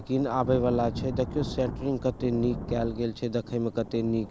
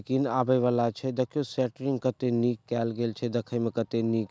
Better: second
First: background sound (Thunder / Rain); 9 dB below the speech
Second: none

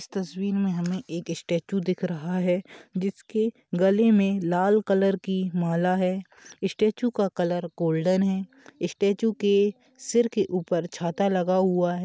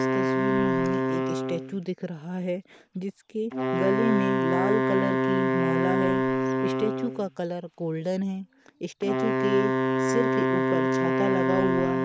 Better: first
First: none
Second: background sound (Wind instrument, woodwind instrument); 4 dB above the speech

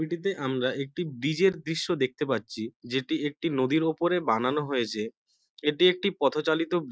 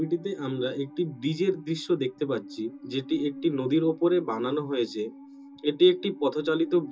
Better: first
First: none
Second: background sound (Musical instrument); 16 dB below the speech // room echo; dies away in 0.2 s

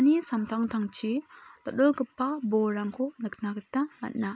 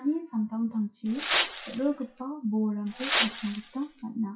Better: first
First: none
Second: noise reduction (classical method WPE with log-MMSE)

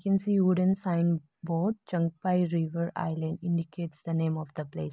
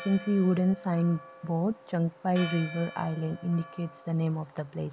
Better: first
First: none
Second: background sound (Church bell); 17 dB below the speech

